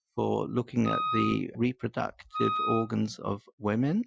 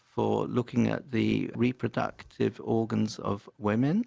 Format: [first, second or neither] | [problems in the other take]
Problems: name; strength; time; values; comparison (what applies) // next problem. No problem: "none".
second | noise reduction (classical method Wiener filter)